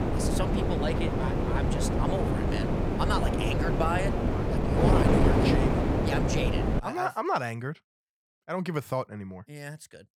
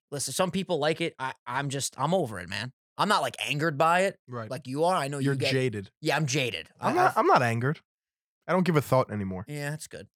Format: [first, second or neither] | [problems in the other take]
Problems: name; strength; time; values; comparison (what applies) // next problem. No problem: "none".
second | wind noise on the microphone; heavy; until 7 s; 2 dB above the speech